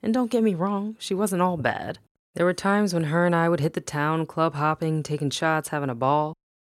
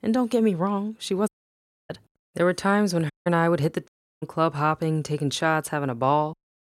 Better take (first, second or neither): first